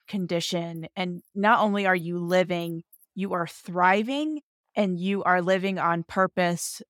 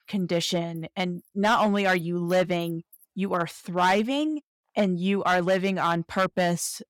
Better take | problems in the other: first | distortion; slight; 4% of the sound clipped

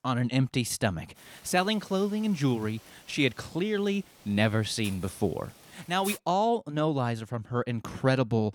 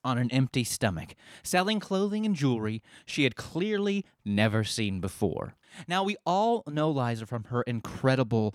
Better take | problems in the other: second | hiss; noticeable; from 1 to 6 s; 20 dB below the speech

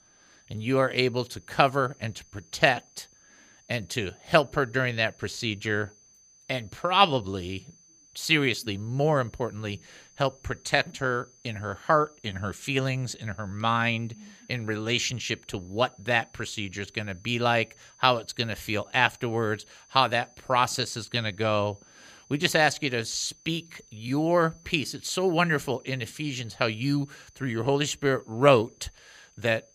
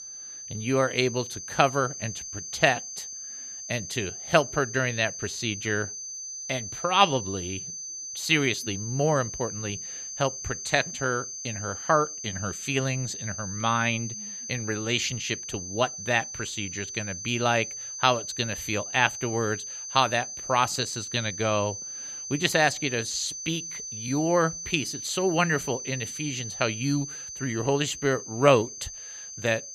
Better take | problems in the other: first | high-pitched whine; loud; throughout; 6 kHz, 8 dB below the speech; faint in the first

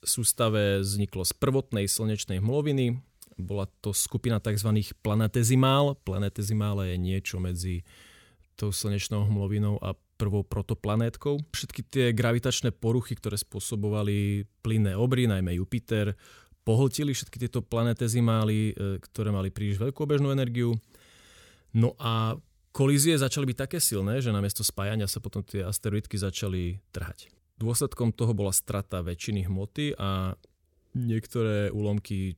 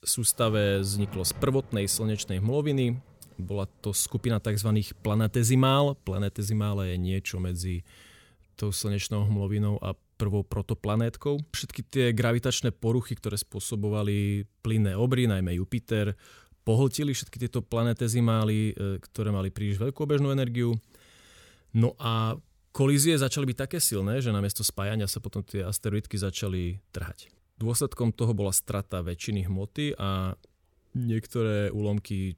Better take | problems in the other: first | rain or running water; faint; throughout; 20 dB below the speech

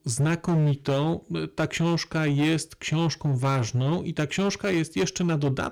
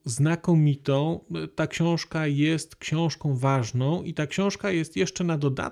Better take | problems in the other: second | distortion; slight; 14% of the sound clipped

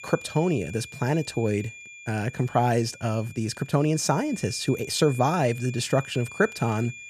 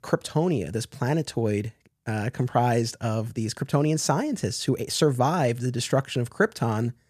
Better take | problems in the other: second | high-pitched whine; noticeable; throughout; 2.5 kHz, 15 dB below the speech

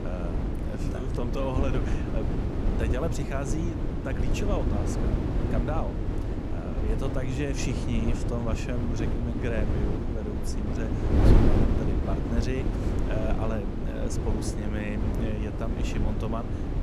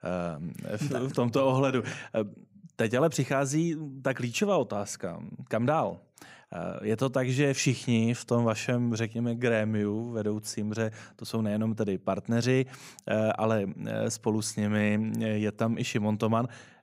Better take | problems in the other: second | wind noise on the microphone; heavy; as loud as the speech

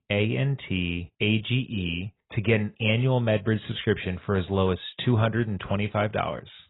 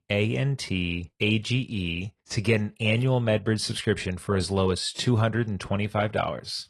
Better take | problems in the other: second | garbled, watery; badly; nothing above 4 kHz; slightly in the second

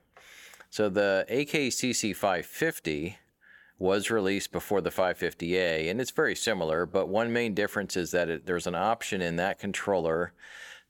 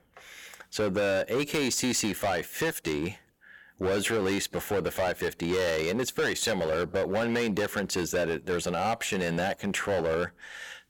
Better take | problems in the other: first | distortion; heavy; 15% of the sound clipped

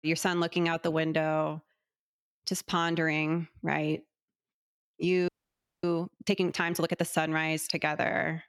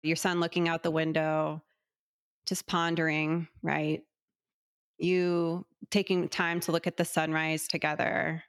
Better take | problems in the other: second | audio freezing; at 5.5 s for 0.5 s

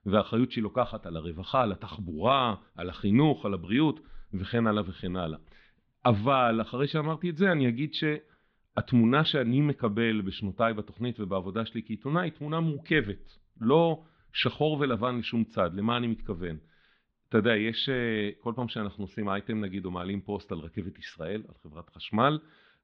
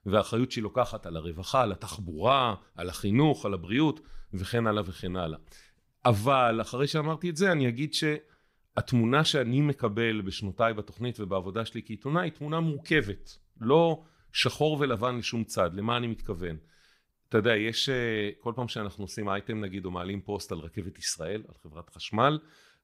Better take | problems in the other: second | muffled; slightly; fading above 3.5 kHz

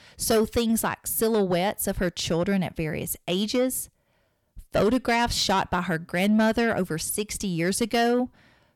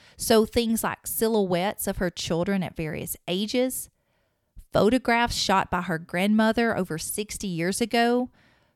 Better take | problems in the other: second | distortion; slight; 10 dB below the speech

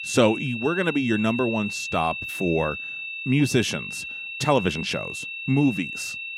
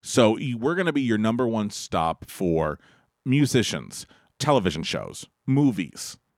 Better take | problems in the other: second | high-pitched whine; loud; throughout; 2.5 kHz, 6 dB below the speech

